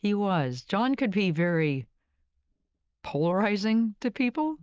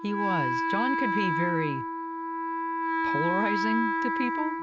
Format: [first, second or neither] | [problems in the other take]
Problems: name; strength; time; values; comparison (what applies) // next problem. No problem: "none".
first | background sound (Wind instrument, woodwind instrument); 3 dB above the speech